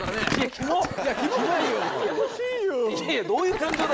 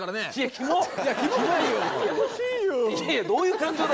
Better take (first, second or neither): second